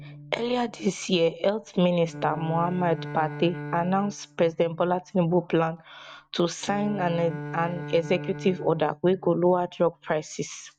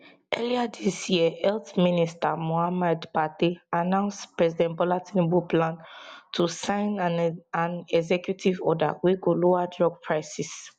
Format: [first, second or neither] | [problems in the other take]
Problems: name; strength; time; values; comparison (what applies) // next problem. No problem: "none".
second | noise reduction (neural mask model RNNoise)